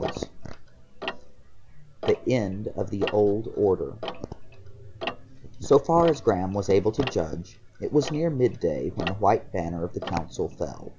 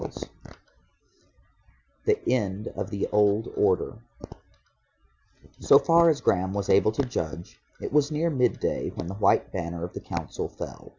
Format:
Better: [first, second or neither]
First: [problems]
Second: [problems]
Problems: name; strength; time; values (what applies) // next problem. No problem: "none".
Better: second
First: background sound (Tick-tock); 11 dB below the speech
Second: none